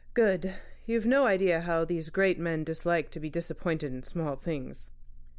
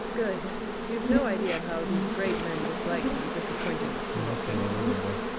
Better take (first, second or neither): first